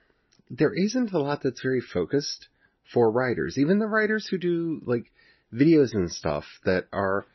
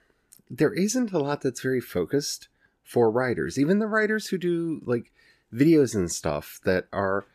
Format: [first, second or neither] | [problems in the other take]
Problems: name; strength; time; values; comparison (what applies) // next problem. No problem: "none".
second | garbled, watery; slightly; nothing above 6 kHz